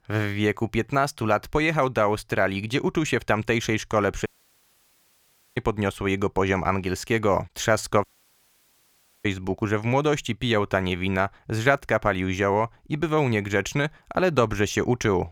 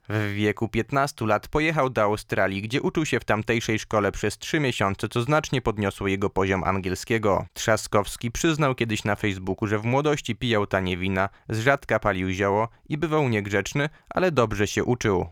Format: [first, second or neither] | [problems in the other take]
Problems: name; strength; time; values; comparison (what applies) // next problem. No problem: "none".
second | audio cutting out; at 4.5 s for 1.5 s and at 8 s for 1 s